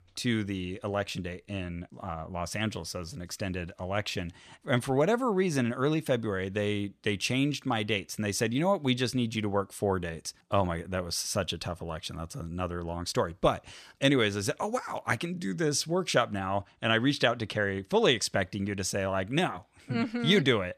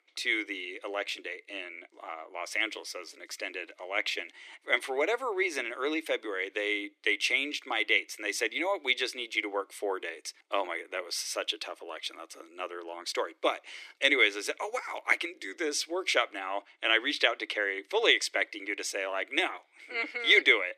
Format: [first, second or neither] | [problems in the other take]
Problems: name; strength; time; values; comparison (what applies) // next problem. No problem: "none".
first | thin; very; fading below 300 Hz